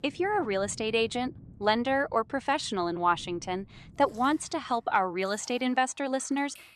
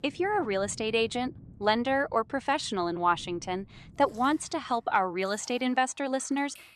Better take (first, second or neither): neither